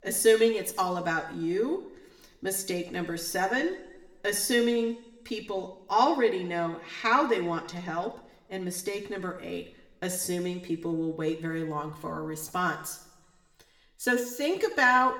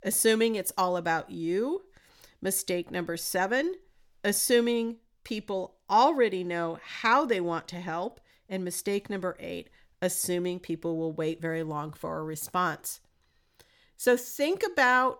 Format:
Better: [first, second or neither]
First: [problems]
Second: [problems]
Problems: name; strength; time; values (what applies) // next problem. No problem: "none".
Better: second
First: room echo; very slight; dies away in 0.7 s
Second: none